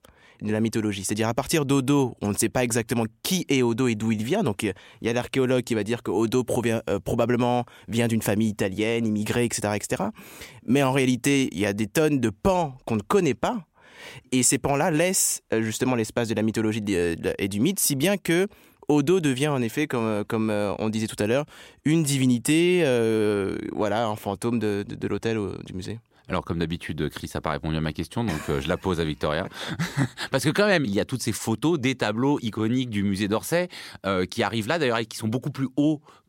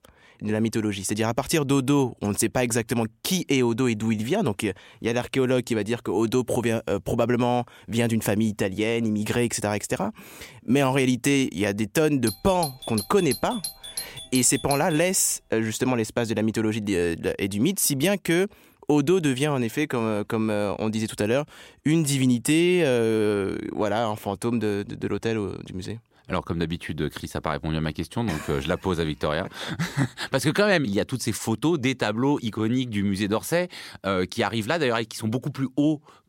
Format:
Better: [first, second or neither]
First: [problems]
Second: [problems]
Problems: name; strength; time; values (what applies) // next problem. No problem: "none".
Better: first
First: none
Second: doorbell; noticeable; from 12 to 15 s; peak 7 dB below the speech